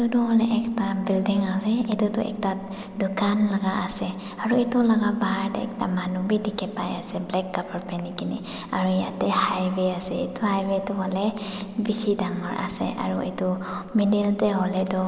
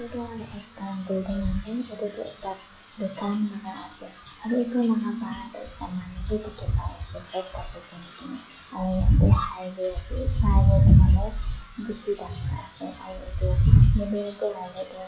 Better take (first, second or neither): first